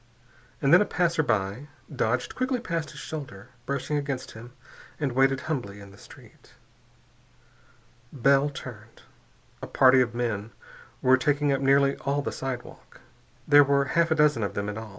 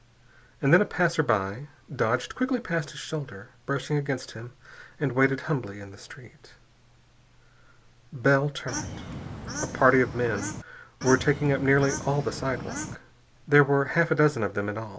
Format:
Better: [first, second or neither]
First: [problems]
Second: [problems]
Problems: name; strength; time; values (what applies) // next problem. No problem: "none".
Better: first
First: none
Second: background sound (Bird / Fowl); 8 dB below the speech